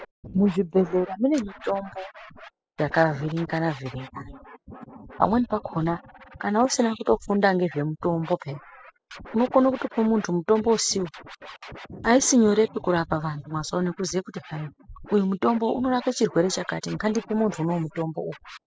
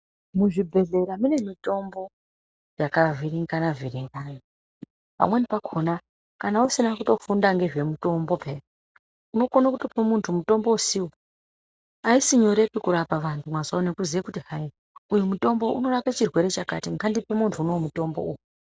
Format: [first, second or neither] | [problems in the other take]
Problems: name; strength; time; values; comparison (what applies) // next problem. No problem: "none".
second | noise reduction (classical method spectral subtraction)